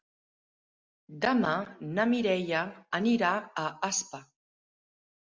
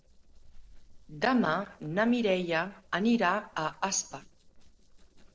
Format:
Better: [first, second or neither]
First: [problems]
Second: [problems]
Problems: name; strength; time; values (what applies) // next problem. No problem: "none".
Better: first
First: none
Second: noise reduction (neural separator model SepFormer DNS4)